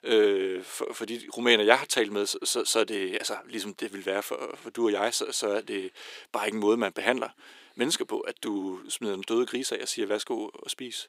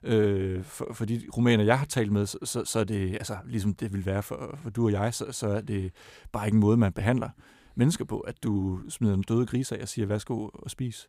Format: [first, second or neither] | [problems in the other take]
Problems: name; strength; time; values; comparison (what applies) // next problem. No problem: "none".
second | thin; very; fading below 350 Hz